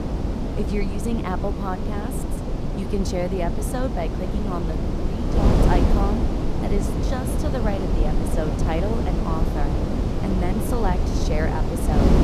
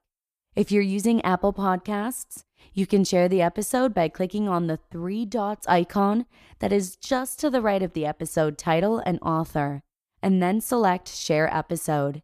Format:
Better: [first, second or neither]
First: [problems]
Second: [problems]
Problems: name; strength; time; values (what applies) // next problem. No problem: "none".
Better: second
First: wind noise on the microphone; heavy; as loud as the speech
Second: none